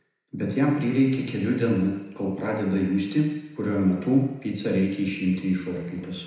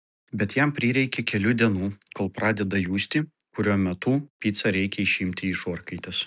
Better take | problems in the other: second | room echo; dies away in 1 s

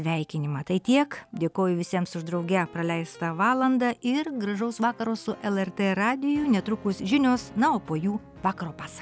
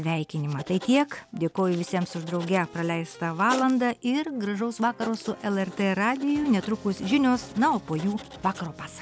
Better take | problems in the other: first | background sound (Writing); 18 dB below the speech

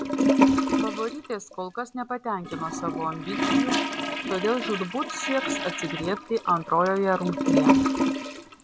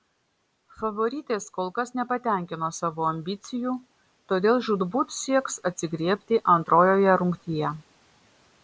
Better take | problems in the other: second | background sound (Toilet flush / Gurgling); 3 dB above the speech

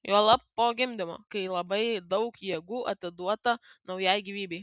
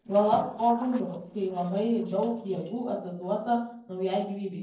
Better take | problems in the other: first | noise reduction (neural separator model SepFormer DNS4)

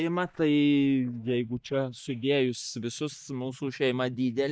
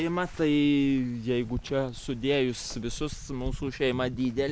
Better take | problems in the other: second | noise reduction (neural mask model DeepFilterNet 3)

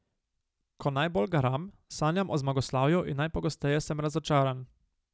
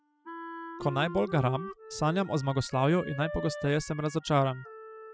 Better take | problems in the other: first | noise reduction (classical method spectral subtraction)

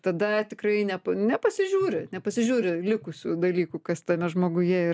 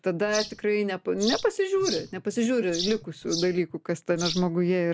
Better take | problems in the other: first | background sound (Bird vocalization, bird call, bird song); 11 dB below the speech

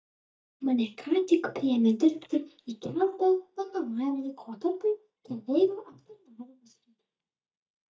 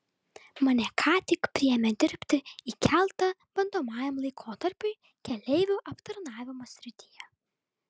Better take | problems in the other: second | noise reduction (neural mask model DeepFilterNet 3)

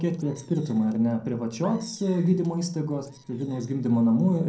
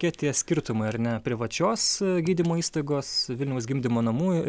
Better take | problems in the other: second | noise reduction (neural separator model SepFormer DNS4)

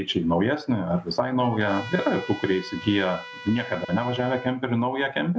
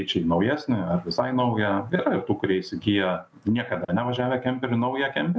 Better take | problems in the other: second | background sound (Trumpet); 15 dB below the speech

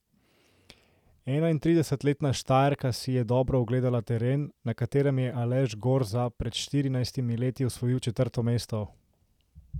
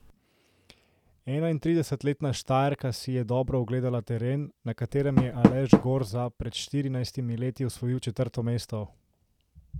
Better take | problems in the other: first | background sound (Door); 3 dB below the speech

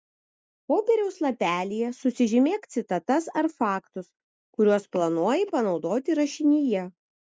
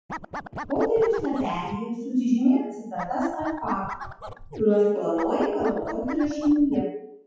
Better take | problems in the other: first | noise reduction (classical method WPE with log-MMSE)

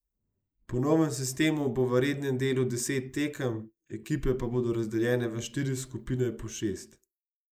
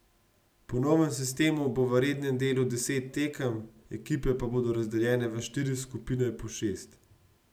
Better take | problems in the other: second | noise reduction (neural mask model Resemble Enhance denoiser)

